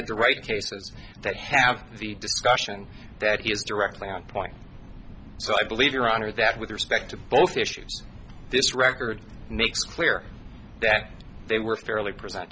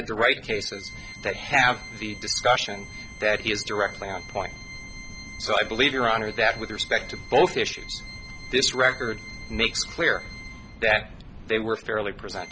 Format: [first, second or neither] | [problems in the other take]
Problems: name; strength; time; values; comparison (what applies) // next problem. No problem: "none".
first | background sound (Organ); 17 dB below the speech